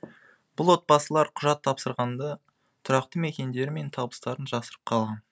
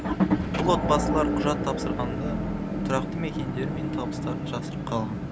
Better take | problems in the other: first | background sound (Motor vehicle (road) / Engine); 3 dB above the speech

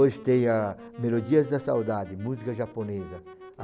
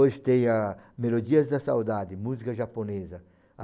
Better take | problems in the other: second | background sound (Wind instrument, woodwind instrument); 19 dB below the speech

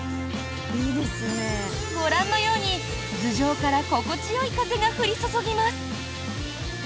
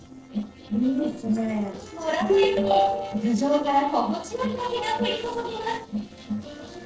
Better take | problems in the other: first | noise reduction (neural separator model SepFormer DNS4)

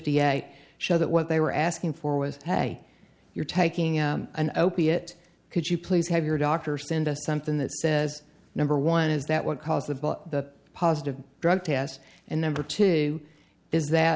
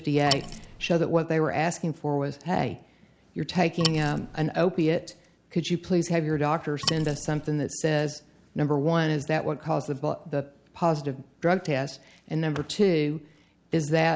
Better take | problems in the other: first | background sound (Wood); 7 dB below the speech

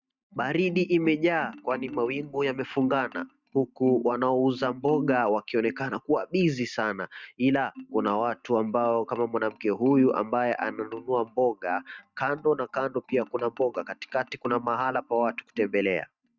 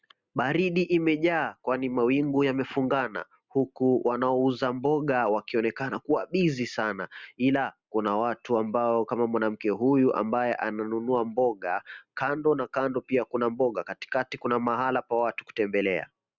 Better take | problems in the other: second | noise reduction (neural mask model DeepFilterNet 3)

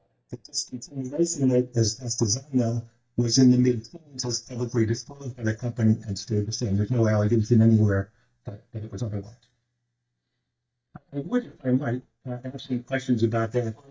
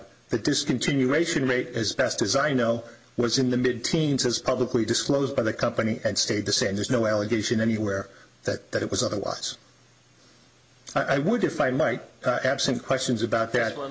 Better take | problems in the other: second | noise reduction (neural mask model DeepFilterNet 3)

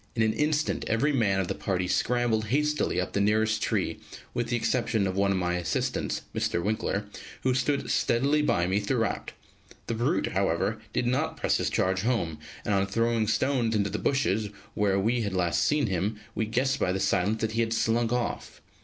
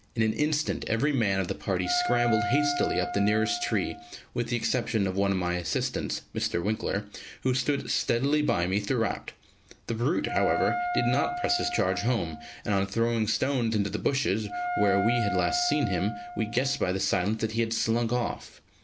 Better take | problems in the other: first | background sound (Wind instrument, woodwind instrument); 5 dB below the speech

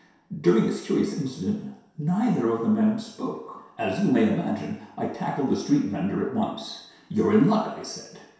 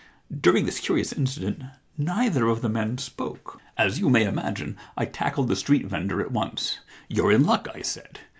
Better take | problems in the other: second | room echo; dies away in 0.7 s

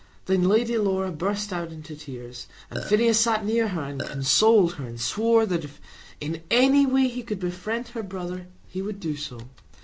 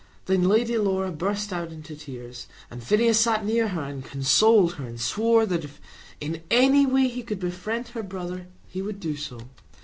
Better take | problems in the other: second | background sound (Burping, eructation); 11 dB below the speech

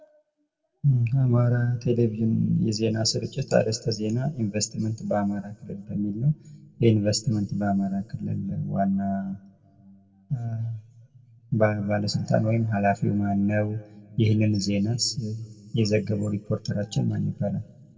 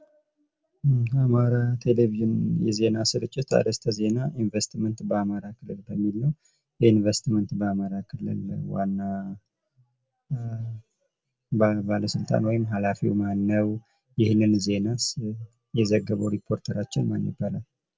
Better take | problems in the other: second | room echo; dies away in 1.7 s

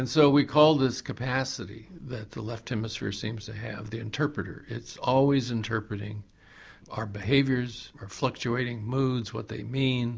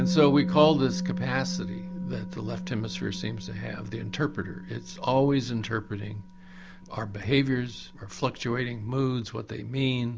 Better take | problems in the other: first | background sound (Musical instrument); 8 dB below the speech

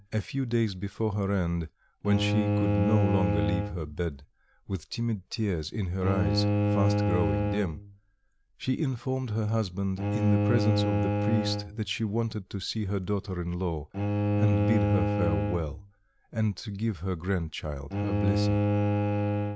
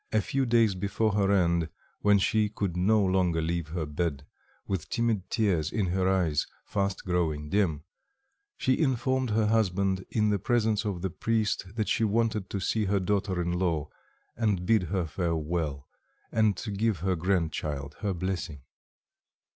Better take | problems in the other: second | background sound (Bowed string instrument); 1 dB above the speech

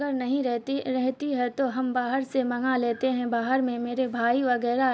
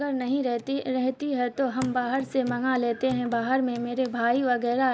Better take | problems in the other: first | background sound (Hands / Wood); 20 dB below the speech

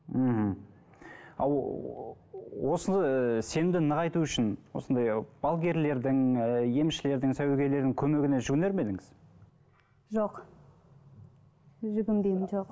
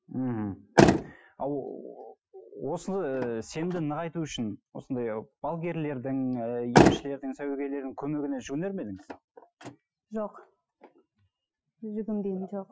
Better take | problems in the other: first | noise reduction (classical method Wiener filter)

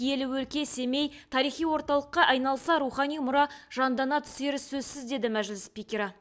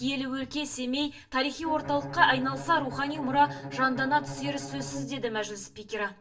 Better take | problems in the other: first | background sound (Bowed string instrument); 11 dB below the speech // room echo; dies away in 0.2 s

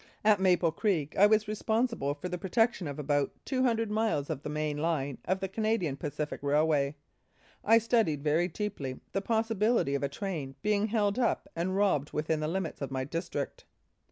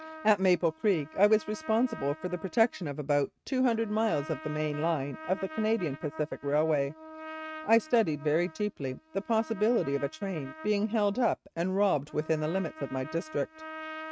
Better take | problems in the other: first | noise reduction (neural mask model RNNoise)

